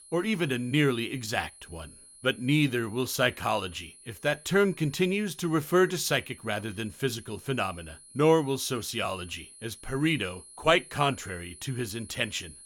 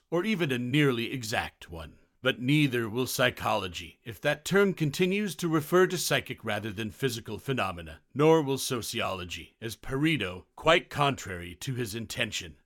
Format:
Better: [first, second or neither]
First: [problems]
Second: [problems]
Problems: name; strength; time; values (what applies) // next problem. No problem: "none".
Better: second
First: high-pitched whine; faint; throughout; 10.5 kHz, 20 dB below the speech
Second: none